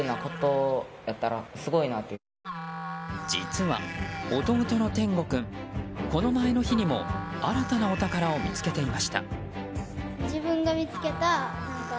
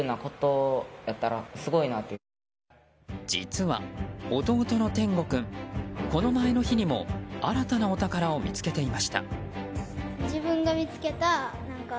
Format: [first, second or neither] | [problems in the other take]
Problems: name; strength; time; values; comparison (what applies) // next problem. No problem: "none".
second | background sound (Musical instrument); 11 dB below the speech